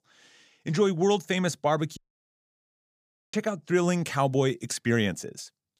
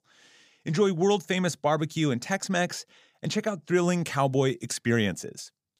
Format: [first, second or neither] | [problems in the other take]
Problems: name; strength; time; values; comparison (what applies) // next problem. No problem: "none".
second | audio cutting out; at 2 s for 1.5 s